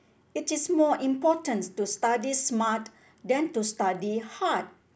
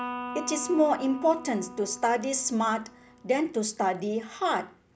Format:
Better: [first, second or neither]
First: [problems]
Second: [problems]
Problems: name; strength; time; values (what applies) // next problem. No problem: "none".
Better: first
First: none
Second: background sound (Electric guitar); 14 dB below the speech